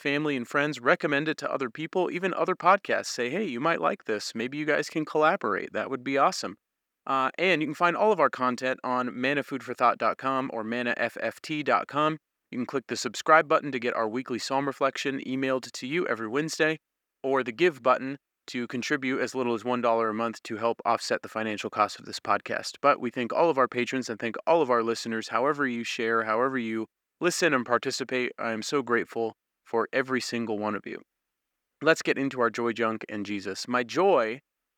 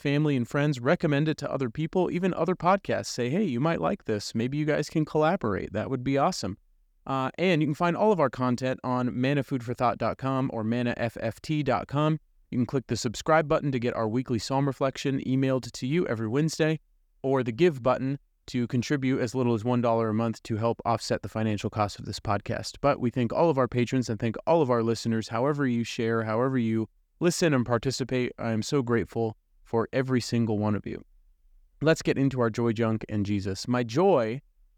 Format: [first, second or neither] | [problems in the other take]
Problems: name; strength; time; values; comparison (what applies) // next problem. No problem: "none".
second | thin; somewhat; fading below 300 Hz